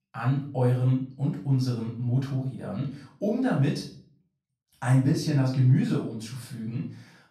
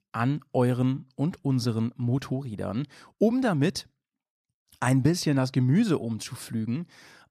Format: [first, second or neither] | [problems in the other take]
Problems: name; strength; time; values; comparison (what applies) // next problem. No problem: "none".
second | off-mic speech; far // room echo; noticeable; dies away in 0.4 s